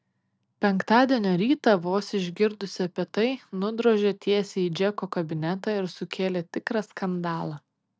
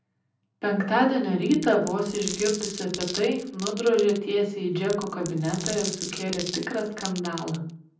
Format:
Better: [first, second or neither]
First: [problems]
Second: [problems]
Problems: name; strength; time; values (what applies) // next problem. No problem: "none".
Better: first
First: none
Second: background sound (Glass); 11 dB below the speech // room echo; dies away in 0.6 s